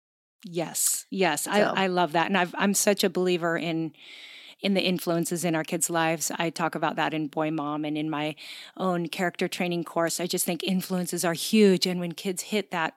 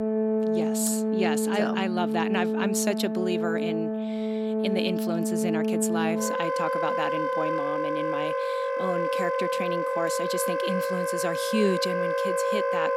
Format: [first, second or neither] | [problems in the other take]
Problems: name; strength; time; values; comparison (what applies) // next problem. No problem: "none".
first | background music; very loud; throughout; 3 dB above the speech